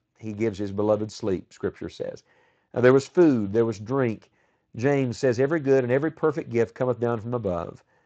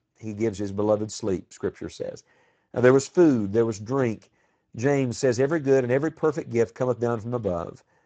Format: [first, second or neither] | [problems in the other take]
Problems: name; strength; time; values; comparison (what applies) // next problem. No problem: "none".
first | garbled, watery; badly; nothing above 7.5 kHz; slightly in the first